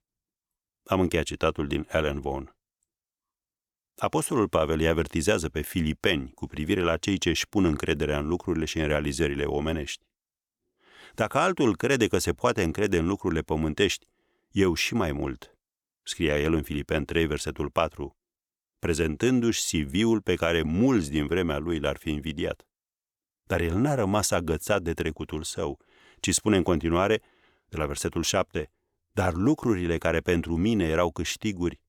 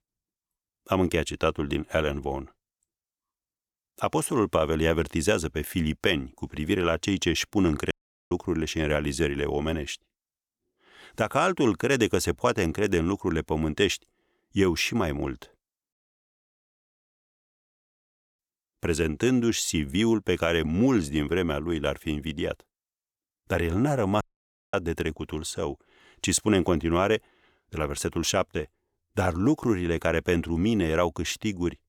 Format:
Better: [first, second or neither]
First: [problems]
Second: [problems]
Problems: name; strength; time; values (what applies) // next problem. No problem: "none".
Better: first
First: none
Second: audio cutting out; at 8 s, at 16 s for 2.5 s and at 24 s for 0.5 s